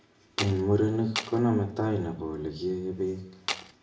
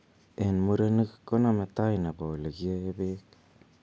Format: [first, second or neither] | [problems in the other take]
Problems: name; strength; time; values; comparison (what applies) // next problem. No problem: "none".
second | background sound (Tools); 7 dB below the speech // room echo; dies away in 0.5 s